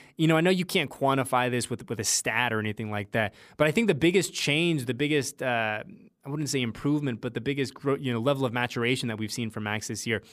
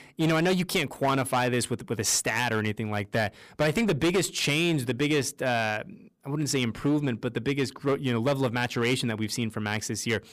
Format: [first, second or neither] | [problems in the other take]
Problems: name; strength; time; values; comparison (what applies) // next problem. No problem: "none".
first | distortion; slight; 9% of the sound clipped